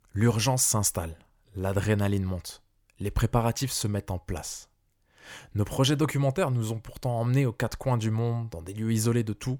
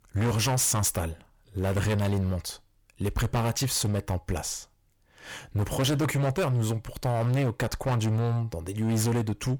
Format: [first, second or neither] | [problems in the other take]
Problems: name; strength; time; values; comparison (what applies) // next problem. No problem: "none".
first | distortion; heavy; 18% of the sound clipped